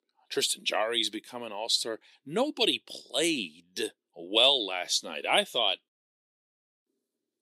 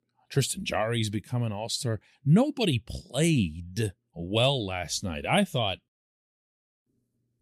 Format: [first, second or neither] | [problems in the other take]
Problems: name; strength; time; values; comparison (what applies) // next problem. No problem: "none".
second | thin; somewhat; fading below 350 Hz